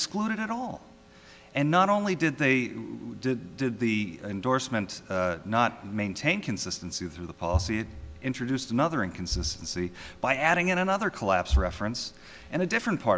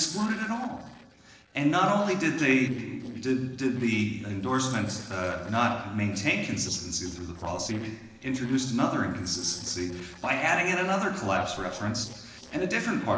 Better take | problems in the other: first | noise reduction (neural separator model SepFormer DNS4)

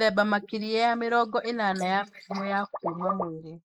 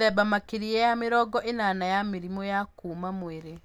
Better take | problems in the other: second | noise reduction (neural mask model Resemble Enhance denoiser)

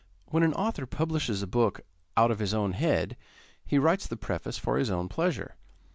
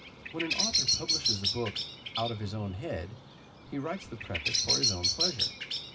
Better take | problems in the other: first | background sound (Bird vocalization, bird call, bird song); 5 dB above the speech // room echo; dies away in 0.4 s

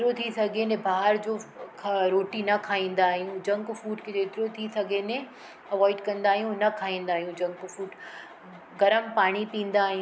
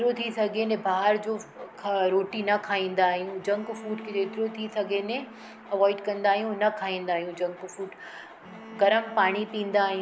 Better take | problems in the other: first | background sound (Bowed string instrument); 20 dB below the speech

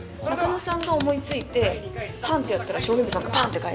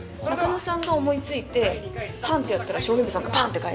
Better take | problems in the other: second | background sound (Computer keyboard); 14 dB below the speech

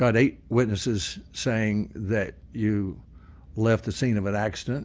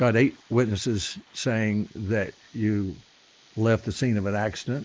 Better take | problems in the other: first | noise reduction (neural mask model Resemble Enhance denoiser)

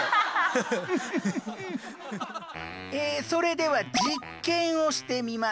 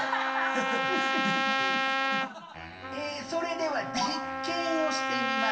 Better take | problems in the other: first | background sound (Trumpet); 2 dB above the speech // room echo; dies away in 0.9 s

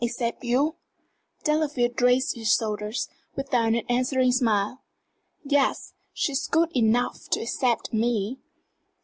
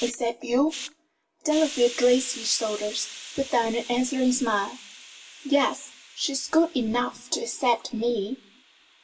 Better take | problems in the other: first | background sound (Hiss); 15 dB below the speech // room echo; dies away in 0.2 s

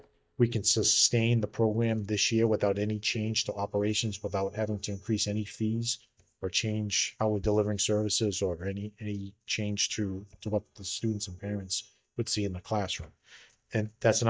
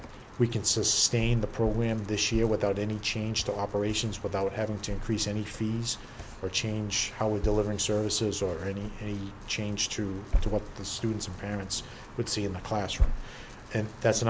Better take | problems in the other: second | noise reduction (neural mask model DeepFilterNet 3)

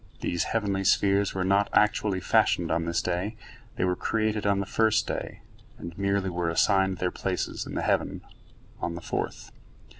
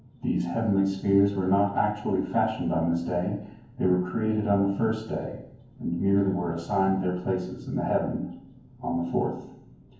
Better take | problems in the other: first | room echo; dies away in 0.9 s

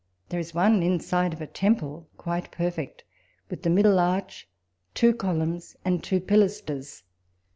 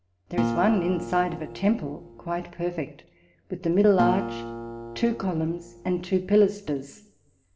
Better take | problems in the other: first | background sound (Acoustic guitar); 8 dB below the speech // room echo; dies away in 0.7 s

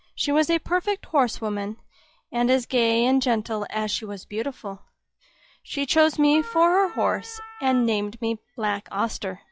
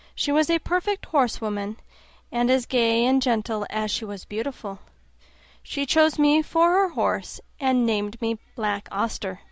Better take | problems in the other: second | noise reduction (classical method log-MMSE)

